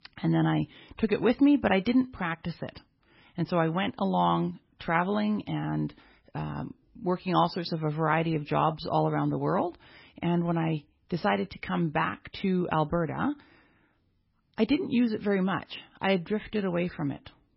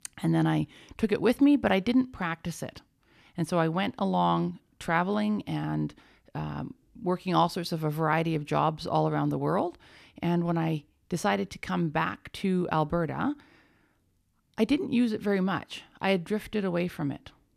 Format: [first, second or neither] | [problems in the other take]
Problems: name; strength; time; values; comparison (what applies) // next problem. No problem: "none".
second | garbled, watery; badly; nothing above 5.5 kHz